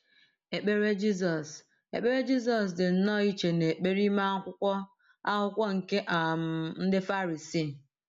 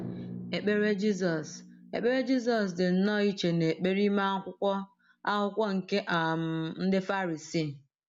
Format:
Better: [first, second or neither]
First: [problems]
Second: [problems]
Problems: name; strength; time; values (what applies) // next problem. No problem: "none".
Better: first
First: none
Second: background sound (Drum); 19 dB below the speech